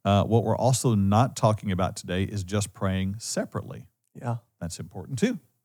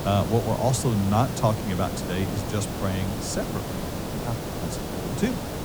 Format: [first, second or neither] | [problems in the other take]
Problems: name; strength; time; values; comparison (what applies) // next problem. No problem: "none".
first | hiss; loud; throughout; 4 dB below the speech